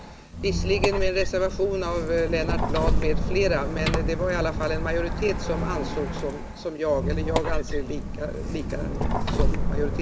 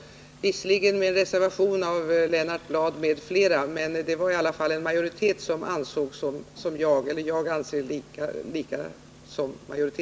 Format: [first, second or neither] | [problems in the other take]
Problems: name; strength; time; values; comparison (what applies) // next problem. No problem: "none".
second | background sound (Squeak); 2 dB above the speech